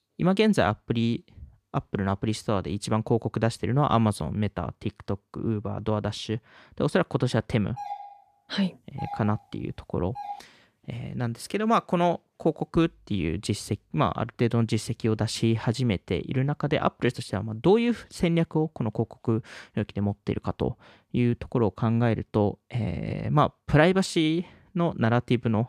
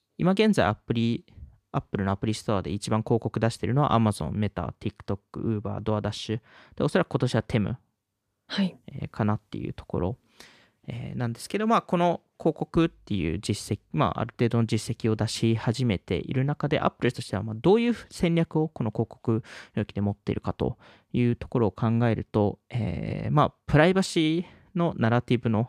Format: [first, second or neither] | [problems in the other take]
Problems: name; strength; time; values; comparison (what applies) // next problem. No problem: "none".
second | doorbell; faint; from 8 to 10 s; peak 10 dB below the speech